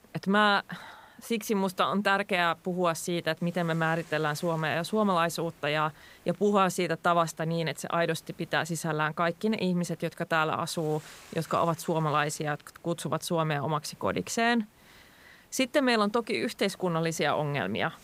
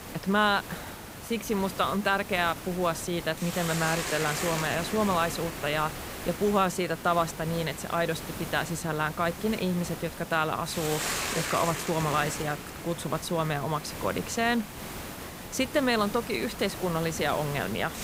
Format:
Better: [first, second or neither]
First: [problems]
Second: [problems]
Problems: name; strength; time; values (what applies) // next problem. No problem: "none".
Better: first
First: hiss; faint; throughout; 25 dB below the speech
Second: hiss; loud; throughout; 7 dB below the speech